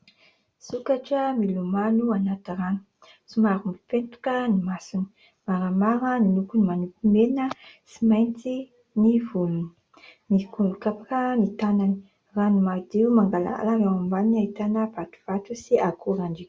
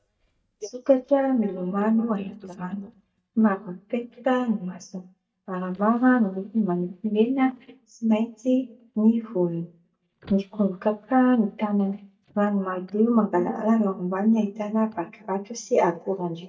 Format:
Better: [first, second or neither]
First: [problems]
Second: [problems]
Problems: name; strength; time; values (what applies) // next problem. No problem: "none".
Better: first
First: none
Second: noise reduction (neural mask model DeepFilterNet 3)